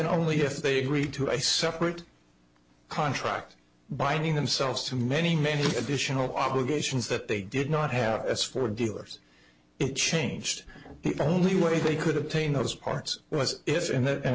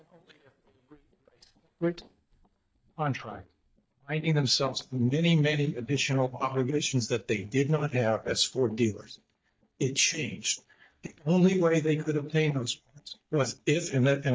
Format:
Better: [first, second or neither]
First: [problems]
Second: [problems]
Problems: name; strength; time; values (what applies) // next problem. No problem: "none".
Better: first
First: none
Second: noise reduction (neural mask model DeepFilterNet 3)